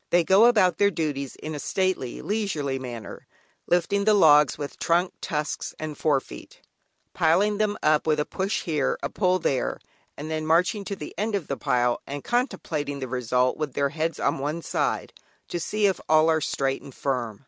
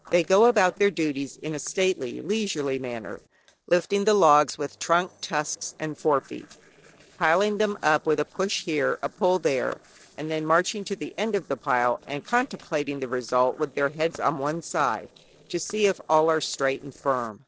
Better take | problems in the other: first | noise reduction (neural separator model SepFormer DNS4)

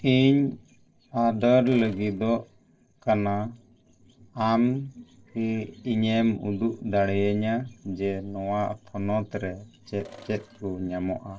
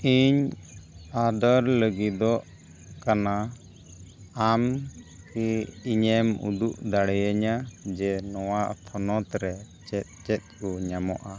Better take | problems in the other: second | noise reduction (neural separator model SepFormer DNS4)

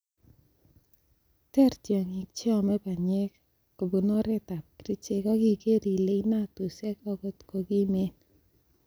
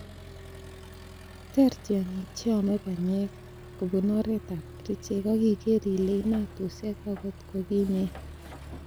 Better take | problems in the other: first | background sound (Accelerating, revving, vroom); 15 dB below the speech

